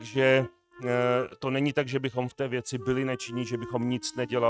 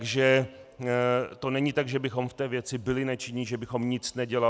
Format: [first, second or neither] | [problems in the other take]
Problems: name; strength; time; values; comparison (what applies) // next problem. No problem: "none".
second | noise reduction (neural mask model RNNoise)